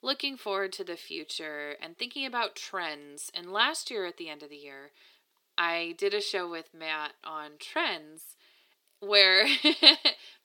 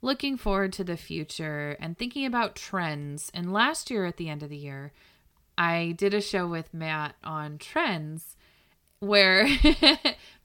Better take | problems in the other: second | thin; somewhat; fading below 350 Hz

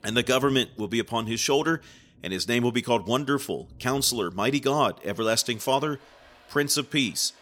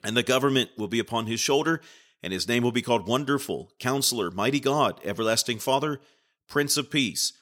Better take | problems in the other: second | rain or running water; faint; throughout; 30 dB below the speech

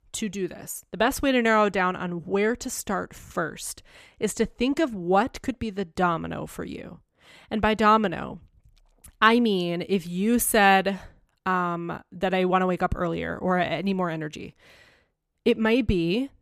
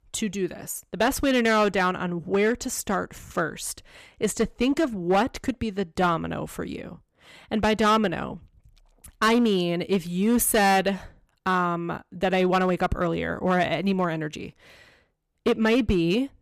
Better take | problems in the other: first | distortion; slight; 5% of the sound clipped

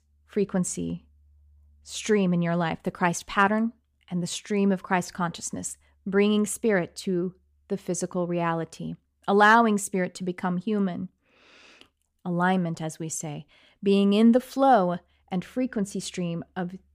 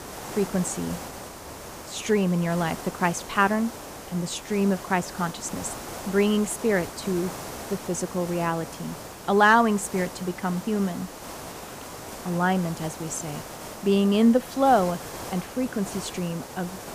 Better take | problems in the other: first | hiss; noticeable; throughout; 10 dB below the speech

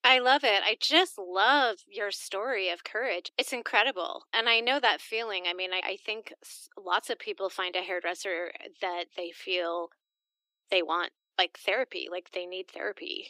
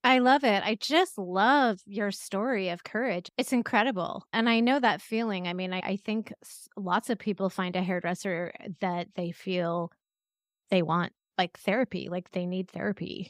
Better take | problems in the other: second | thin; very; fading below 300 Hz

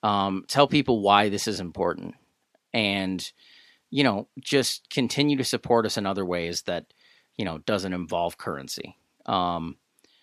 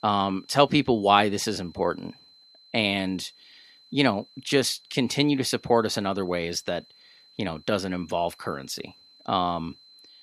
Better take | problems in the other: first | high-pitched whine; faint; throughout; 4 kHz, 25 dB below the speech

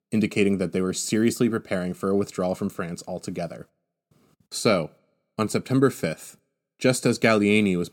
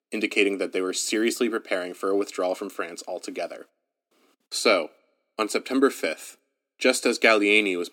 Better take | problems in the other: first | thin; somewhat; fading below 300 Hz

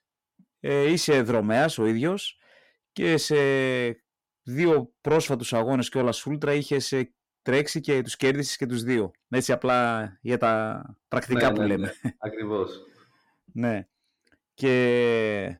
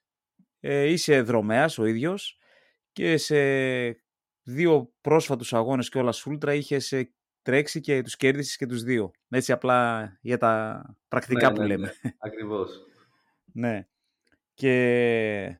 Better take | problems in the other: second | distortion; slight; 10 dB below the speech

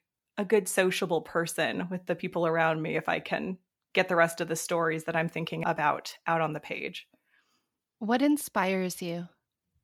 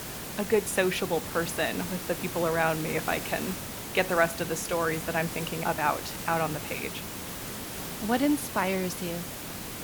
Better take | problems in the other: first | hiss; loud; throughout; 6 dB below the speech

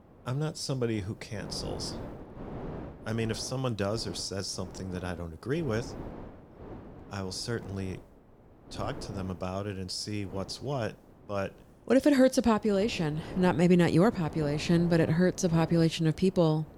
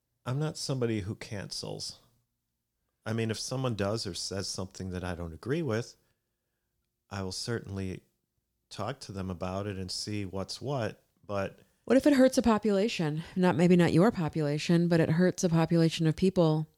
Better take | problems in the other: second | wind noise on the microphone; occasional gusts; 15 dB below the speech

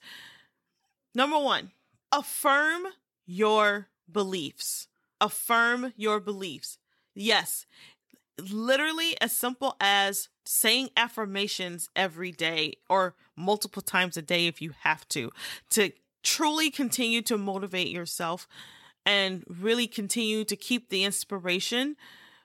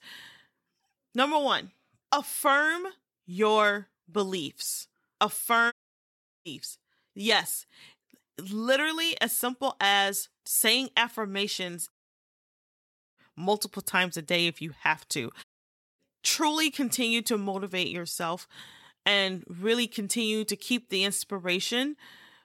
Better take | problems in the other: first | audio cutting out; at 5.5 s for 0.5 s, at 12 s for 1 s and at 15 s for 0.5 s

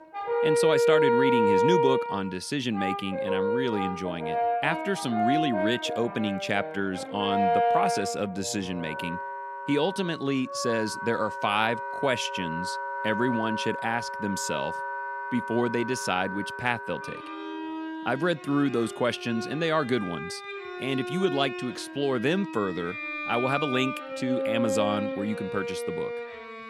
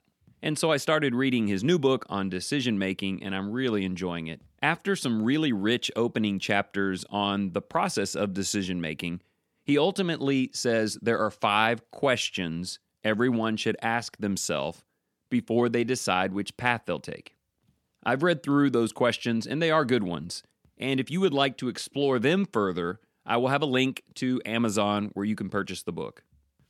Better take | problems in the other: second | background music; loud; throughout; 1 dB below the speech

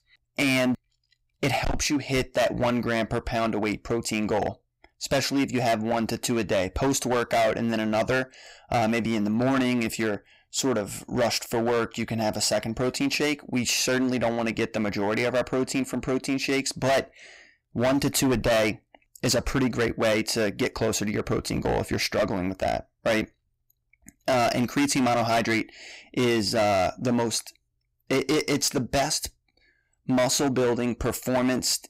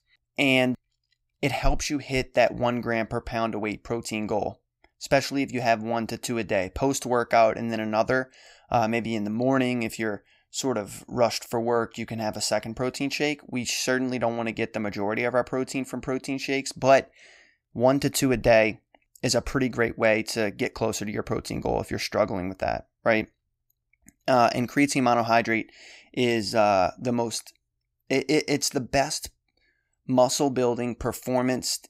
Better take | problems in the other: second | distortion; heavy; 12% of the sound clipped

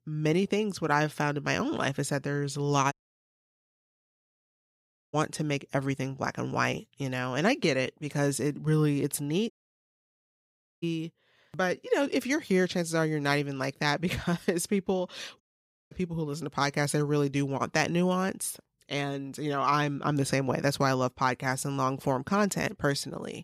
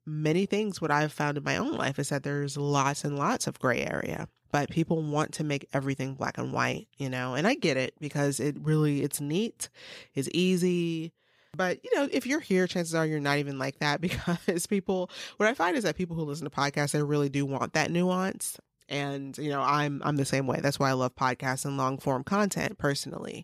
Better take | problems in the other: second | audio cutting out; at 3 s for 2 s, at 9.5 s for 1.5 s and at 15 s for 0.5 s

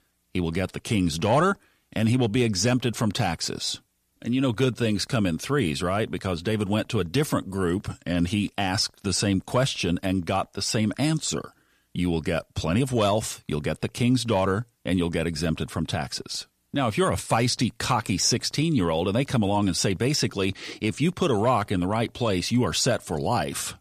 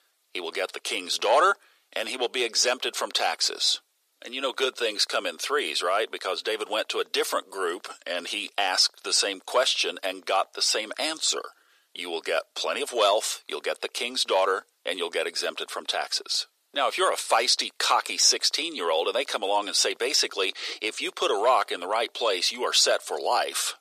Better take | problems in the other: first | thin; very; fading below 400 Hz

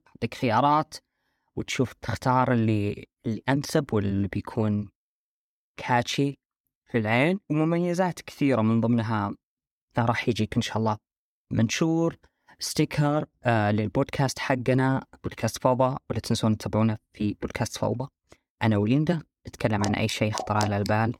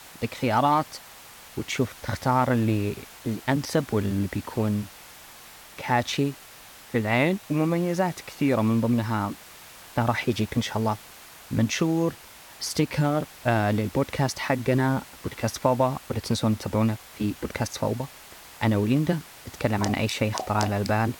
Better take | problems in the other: first | hiss; noticeable; throughout; 20 dB below the speech

